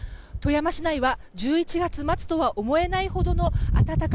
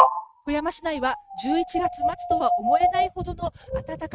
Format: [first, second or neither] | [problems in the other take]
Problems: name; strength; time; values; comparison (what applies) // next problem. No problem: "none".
first | noise reduction (neural mask model RNNoise)